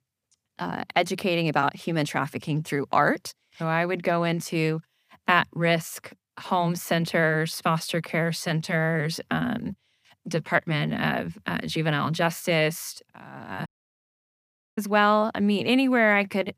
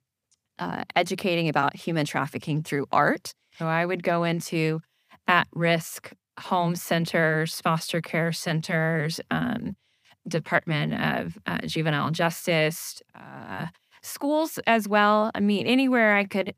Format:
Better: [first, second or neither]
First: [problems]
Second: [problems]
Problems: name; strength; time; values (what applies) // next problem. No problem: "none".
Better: second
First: audio cutting out; at 14 s for 1 s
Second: none